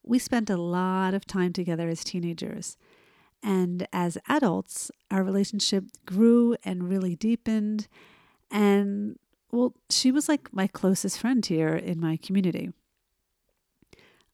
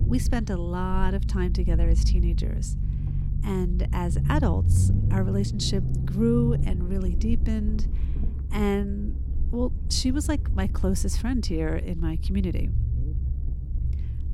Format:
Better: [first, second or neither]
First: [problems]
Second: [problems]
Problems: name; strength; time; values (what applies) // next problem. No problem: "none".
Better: first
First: none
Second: low rumble; loud; throughout; 10 dB below the speech